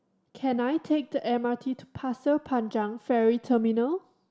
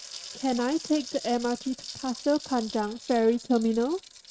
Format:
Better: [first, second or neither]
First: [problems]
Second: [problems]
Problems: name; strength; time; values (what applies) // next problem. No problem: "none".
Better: first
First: none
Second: noise reduction (neural mask model RNNoise)